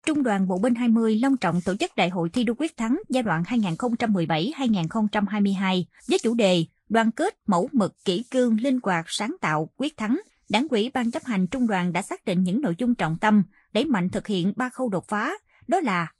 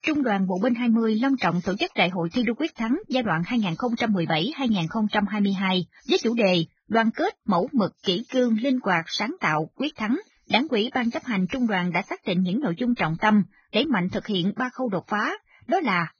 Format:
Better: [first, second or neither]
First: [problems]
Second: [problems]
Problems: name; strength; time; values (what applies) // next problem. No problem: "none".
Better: first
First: garbled, watery; slightly; nothing above 10.5 kHz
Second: garbled, watery; badly; nothing above 6.5 kHz